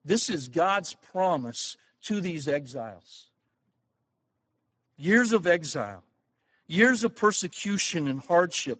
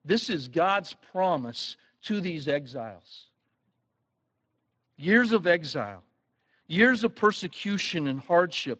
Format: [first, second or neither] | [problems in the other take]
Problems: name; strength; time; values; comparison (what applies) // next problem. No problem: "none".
second | garbled, watery; badly; nothing above 8 kHz; slightly in the second